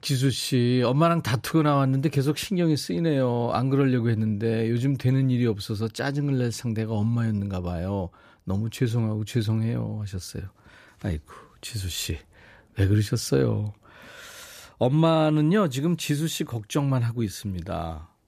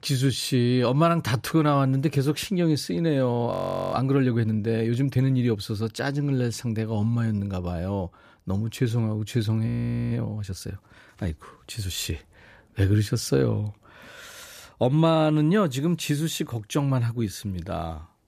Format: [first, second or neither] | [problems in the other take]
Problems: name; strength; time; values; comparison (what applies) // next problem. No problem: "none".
first | audio freezing; at 3.5 s and at 9.5 s